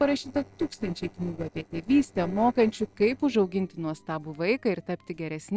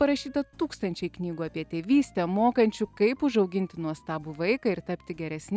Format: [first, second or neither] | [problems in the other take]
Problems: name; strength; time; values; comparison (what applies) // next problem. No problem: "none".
second | noise reduction (neural separator model SepFormer DNS4)